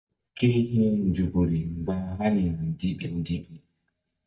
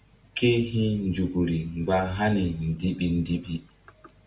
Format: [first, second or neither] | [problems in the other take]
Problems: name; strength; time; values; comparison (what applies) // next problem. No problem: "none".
second | noise reduction (neural mask model DeepFilterNet 3)